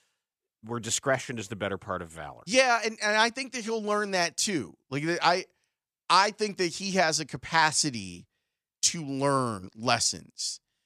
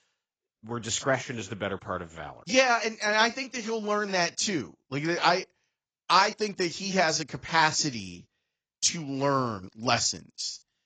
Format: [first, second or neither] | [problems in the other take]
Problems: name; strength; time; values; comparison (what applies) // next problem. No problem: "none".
first | garbled, watery; badly; nothing above 7.5 kHz